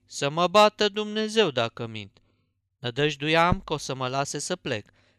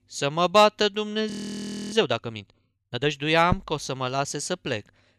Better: first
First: none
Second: audio freezing; at 1.5 s for 0.5 s

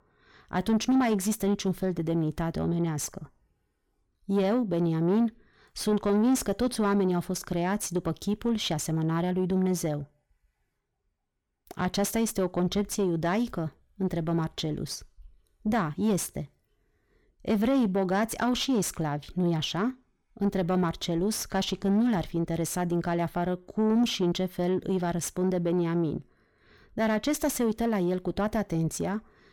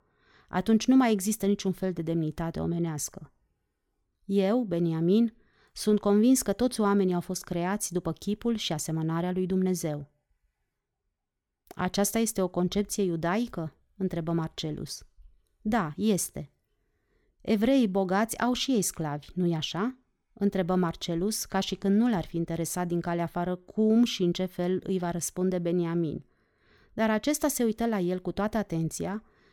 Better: second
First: distortion; slight; 10 dB below the speech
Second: none

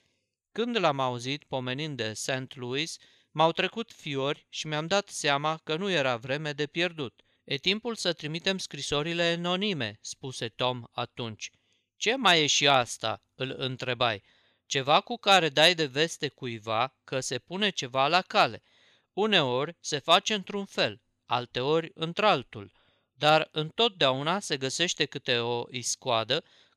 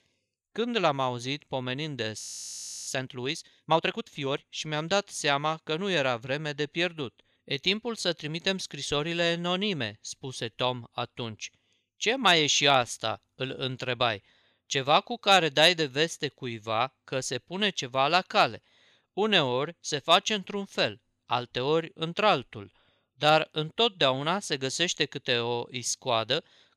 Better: first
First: none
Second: audio freezing; at 2 s for 0.5 s

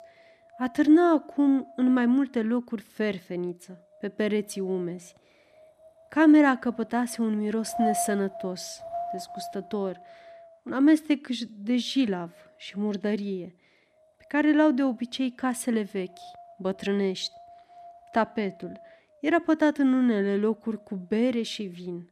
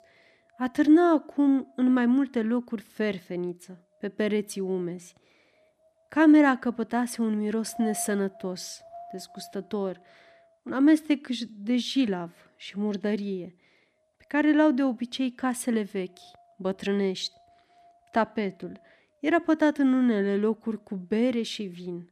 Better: second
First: wind noise on the microphone; heavy; 10 dB below the speech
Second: wind noise on the microphone; occasional gusts; 20 dB below the speech

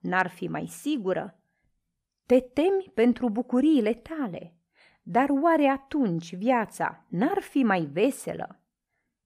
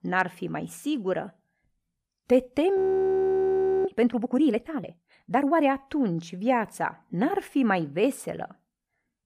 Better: first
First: none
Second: audio freezing; at 3 s for 1 s

